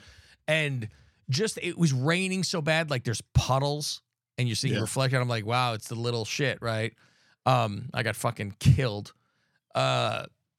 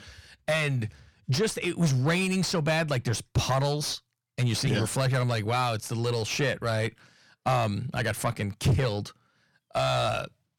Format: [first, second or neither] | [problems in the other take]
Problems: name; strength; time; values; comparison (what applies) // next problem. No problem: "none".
first | distortion; heavy; 7 dB below the speech